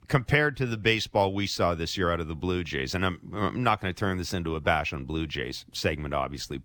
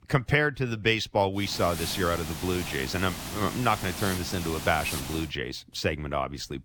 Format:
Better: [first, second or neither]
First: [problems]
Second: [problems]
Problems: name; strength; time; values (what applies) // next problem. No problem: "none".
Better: first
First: none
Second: hiss; loud; from 1.5 to 5 s; 7 dB below the speech